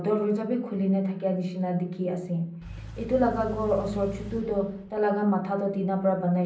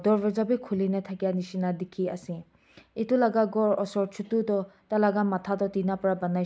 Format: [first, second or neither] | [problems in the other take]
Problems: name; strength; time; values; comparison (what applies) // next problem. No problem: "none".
second | background sound (Engine / Car); 15 dB below the speech // room echo; dies away in 0.6 s